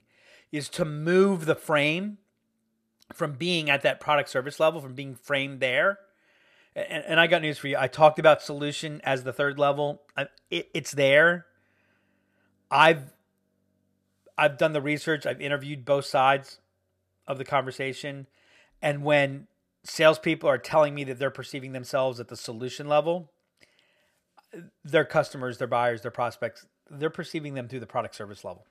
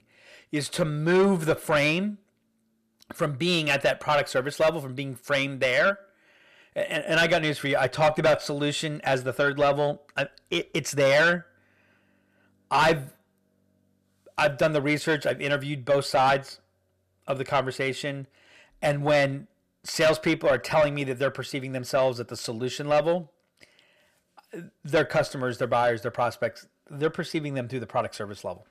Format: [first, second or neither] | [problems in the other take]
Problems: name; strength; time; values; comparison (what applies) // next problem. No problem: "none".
first | distortion; heavy; 7 dB below the speech